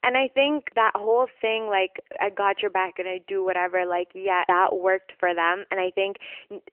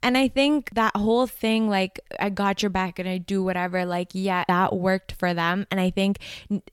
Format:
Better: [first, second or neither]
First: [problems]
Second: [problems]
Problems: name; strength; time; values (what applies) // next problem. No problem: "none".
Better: second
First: phone-call audio; nothing above 3 kHz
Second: none